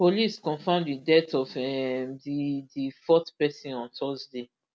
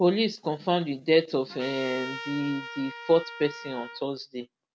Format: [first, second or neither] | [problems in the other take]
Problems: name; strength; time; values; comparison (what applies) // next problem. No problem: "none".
first | background sound (Trumpet); 13 dB below the speech